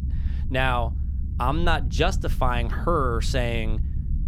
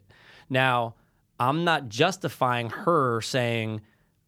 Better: second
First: low rumble; noticeable; throughout; 20 dB below the speech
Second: none

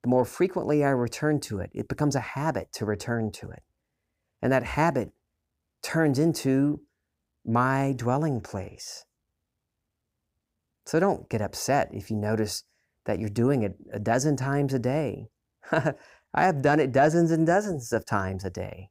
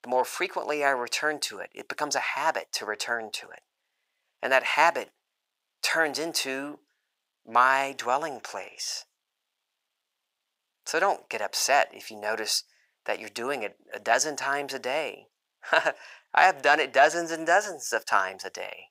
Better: first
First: none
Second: thin; very; fading below 850 Hz

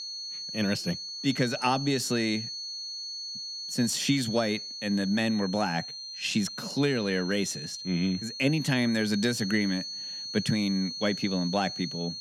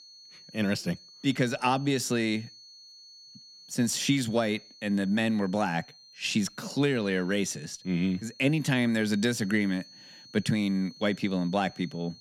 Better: second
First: high-pitched whine; loud; throughout; 4.5 kHz, 7 dB below the speech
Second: high-pitched whine; faint; throughout; 4.5 kHz, 20 dB below the speech

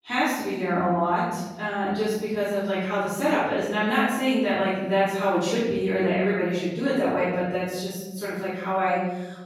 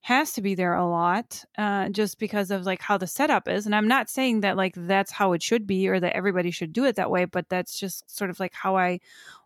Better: second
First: room echo; strong; dies away in 1.3 s // off-mic speech; far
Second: none

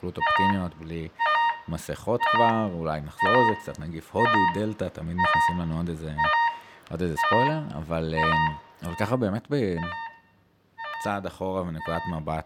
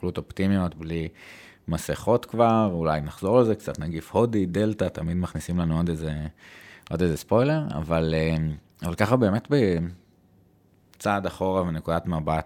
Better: second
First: alarms or sirens; very loud; throughout; 5 dB above the speech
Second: none

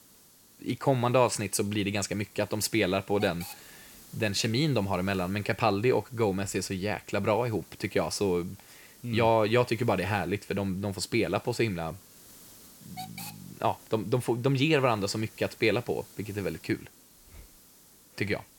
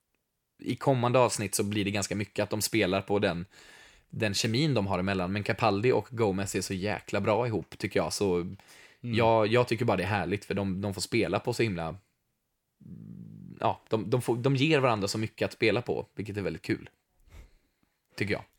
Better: second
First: hiss; faint; throughout; 20 dB below the speech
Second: none

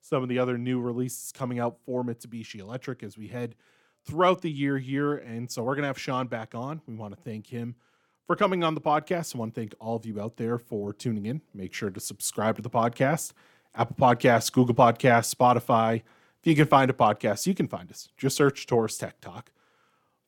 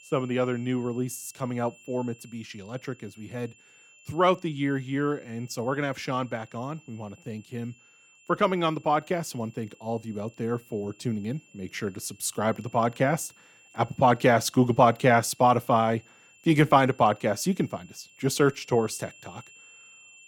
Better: first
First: none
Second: high-pitched whine; faint; throughout; 2.5 kHz, 25 dB below the speech

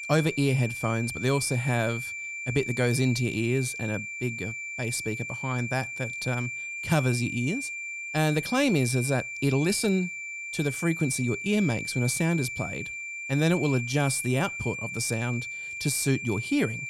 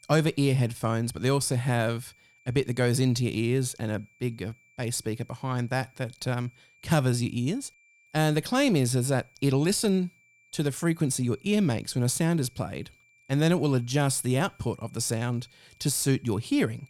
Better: second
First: high-pitched whine; loud; throughout; 2.5 kHz, 6 dB below the speech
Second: high-pitched whine; faint; throughout; 2.5 kHz, 30 dB below the speech

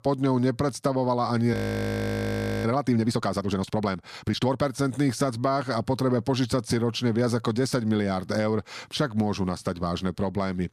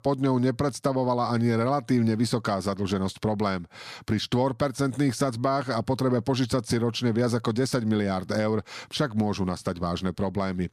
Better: second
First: audio freezing; at 1.5 s for 1 s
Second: none

